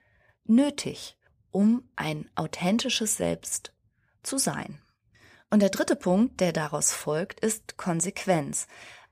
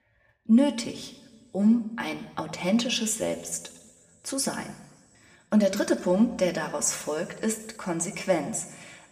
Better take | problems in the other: first | room echo; very slight; dies away in 1.2 s

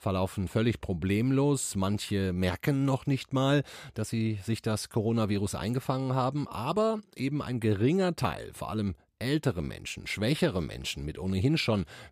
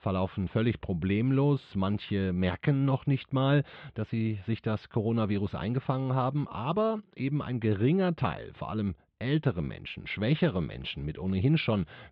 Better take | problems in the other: first | muffled; very; fading above 3.5 kHz

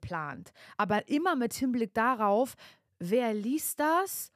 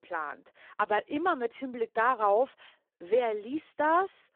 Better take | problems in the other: first | phone-call audio; poor line

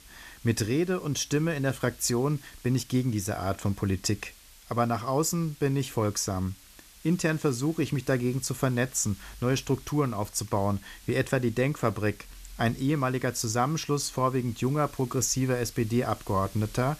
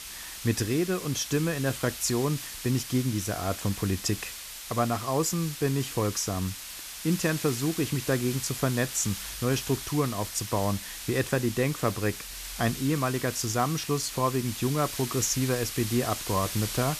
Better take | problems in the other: first | hiss; loud; throughout; 7 dB below the speech; faint in the first

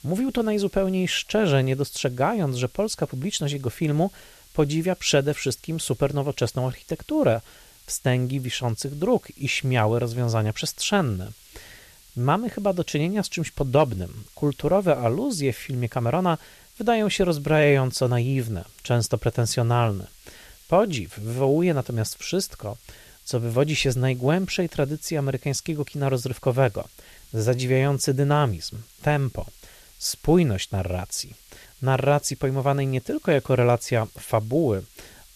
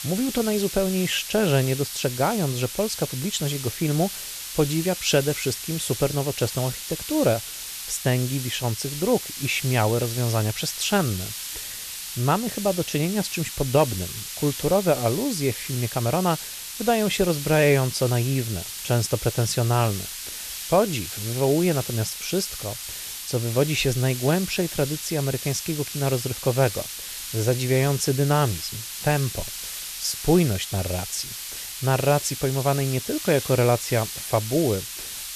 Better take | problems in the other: first | hiss; loud; throughout; 7 dB below the speech; faint in the first

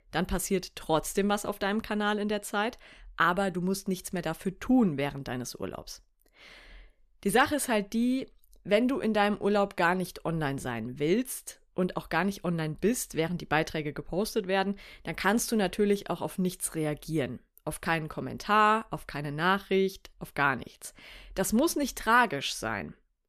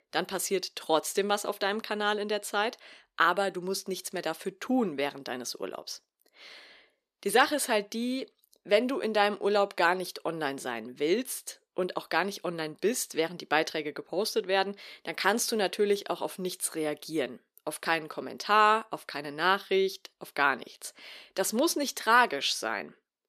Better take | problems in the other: first | thin; very slightly; fading below 350 Hz

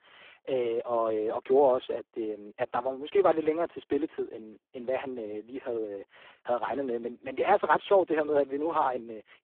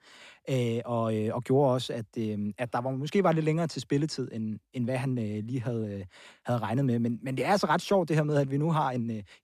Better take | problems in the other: second | phone-call audio; poor line

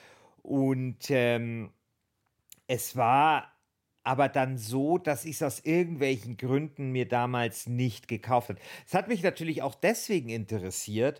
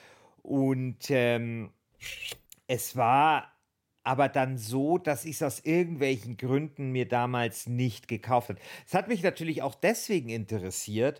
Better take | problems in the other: first | clattering dishes; noticeable; at 2 s; peak 8 dB below the speech

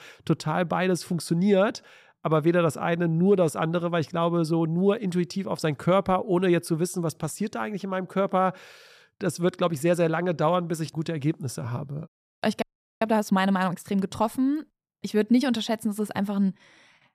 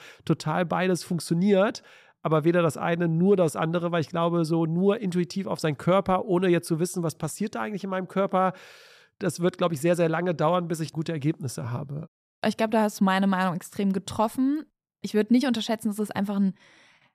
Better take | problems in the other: second | audio freezing; at 13 s

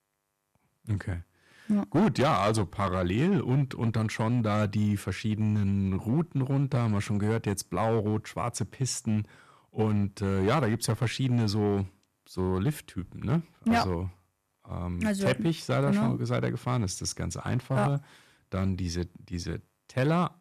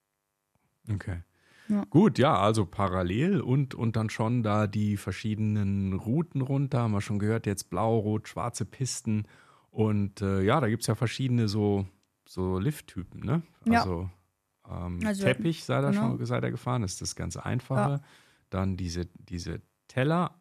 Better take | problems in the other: second | distortion; slight; 5% of the sound clipped

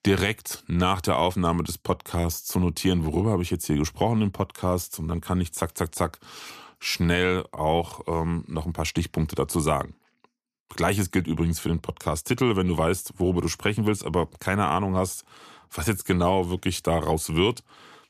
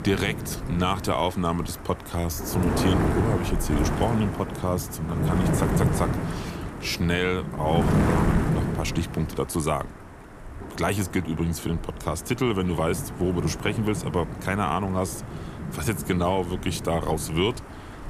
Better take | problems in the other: first | wind noise on the microphone; heavy; 5 dB below the speech

